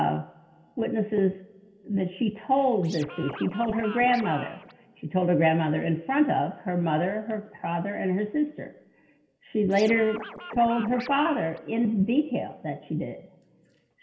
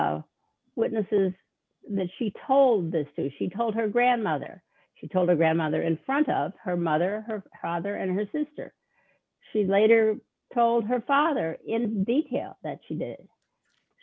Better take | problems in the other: second | background sound (Scratching (performance technique)); 13 dB below the speech // room echo; dies away in 1.4 s

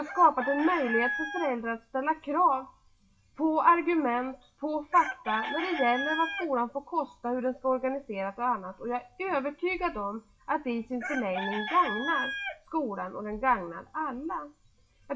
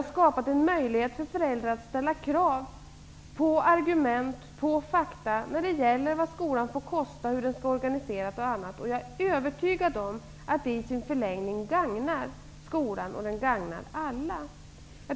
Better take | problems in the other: second | noise reduction (classical method WPE with log-MMSE)

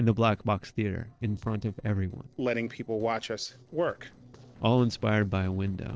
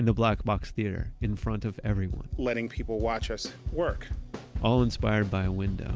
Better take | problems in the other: second | noise reduction (neural separator model SepFormer DNS4)

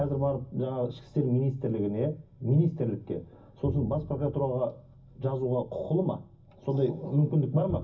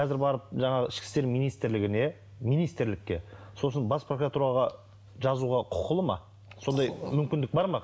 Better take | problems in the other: second | background sound (Bowed string instrument); 17 dB below the speech // room echo; dies away in 0.4 s

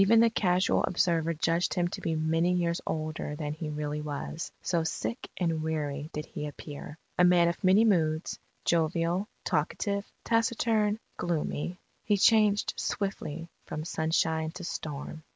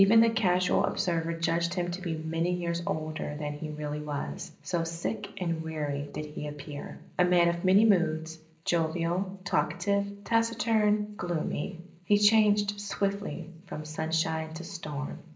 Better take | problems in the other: first | room echo; dies away in 0.5 s

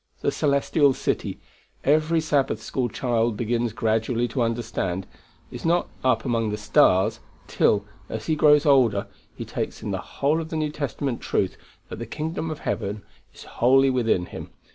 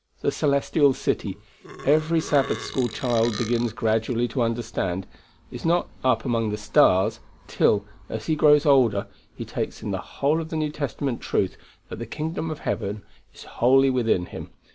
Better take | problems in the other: first | background sound (Burping, eructation); 15 dB below the speech

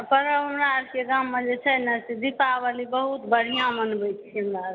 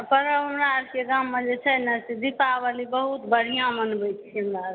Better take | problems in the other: second | background sound (Bowed string instrument); 16 dB below the speech

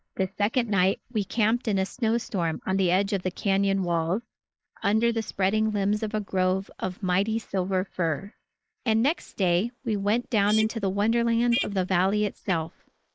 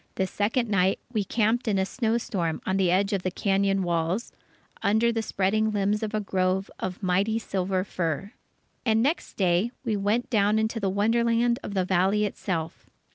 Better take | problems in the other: second | noise reduction (neural mask model Resemble Enhance denoiser)

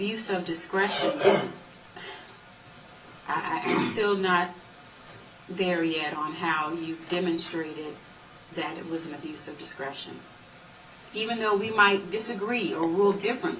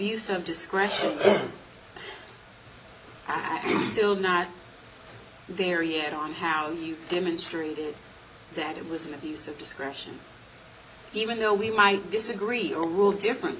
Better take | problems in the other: second | room echo; dies away in 0.2 s

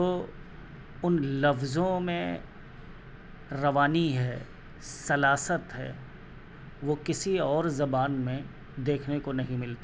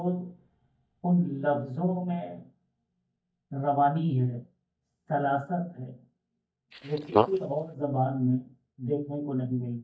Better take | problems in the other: first | noise reduction (neural mask model DeepFilterNet 3)

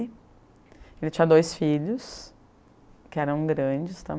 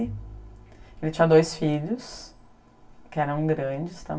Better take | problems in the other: first | background sound (Bowed string instrument); 19 dB below the speech // room echo; dies away in 0.2 s

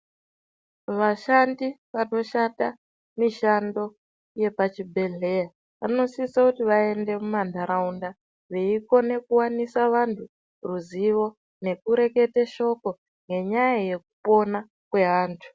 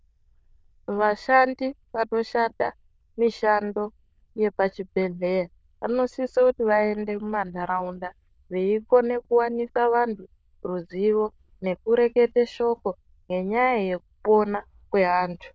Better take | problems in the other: first | noise reduction (neural diffusion model UNIVERSE++)

